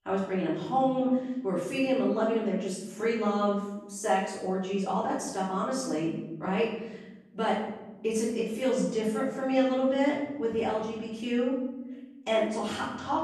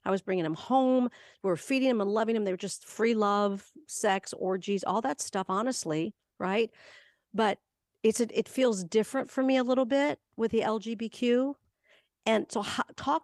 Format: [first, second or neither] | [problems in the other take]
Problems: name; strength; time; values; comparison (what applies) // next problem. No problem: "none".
second | room echo; noticeable; dies away in 1.1 s // off-mic speech; far